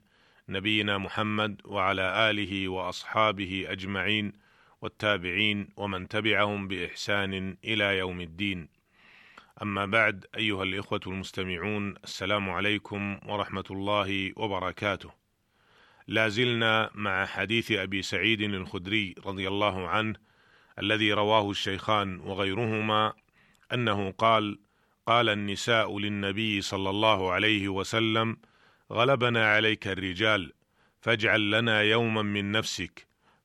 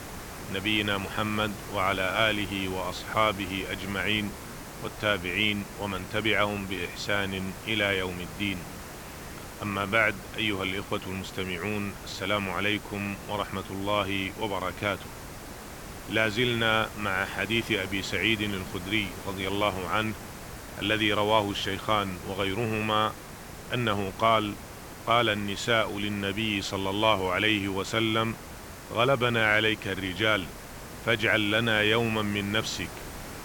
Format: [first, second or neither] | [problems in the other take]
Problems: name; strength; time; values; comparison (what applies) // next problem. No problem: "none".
first | hiss; noticeable; throughout; 15 dB below the speech